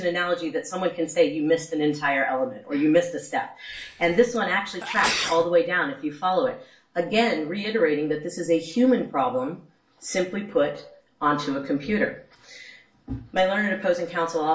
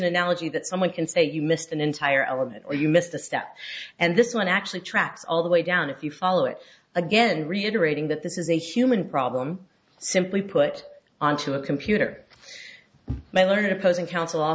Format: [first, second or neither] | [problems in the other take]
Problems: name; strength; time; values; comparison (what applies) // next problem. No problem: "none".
second | background sound (Sneeze); 8 dB below the speech // room echo; dies away in 0.3 s